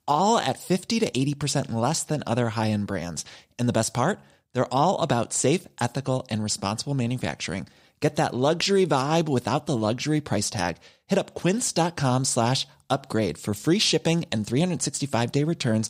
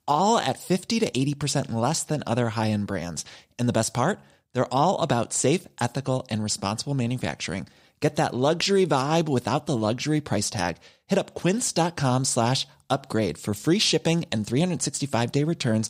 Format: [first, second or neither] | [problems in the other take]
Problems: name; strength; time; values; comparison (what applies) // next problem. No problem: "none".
neither | none